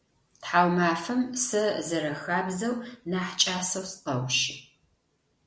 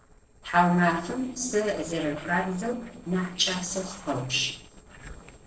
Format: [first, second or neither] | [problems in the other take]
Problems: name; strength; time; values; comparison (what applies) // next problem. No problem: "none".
first | noise reduction (neural separator model SepFormer DNS4)